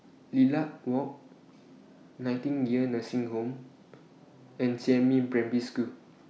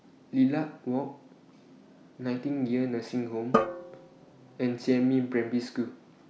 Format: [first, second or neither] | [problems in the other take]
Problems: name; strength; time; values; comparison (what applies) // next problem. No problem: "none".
first | background sound (Drum); 2 dB below the speech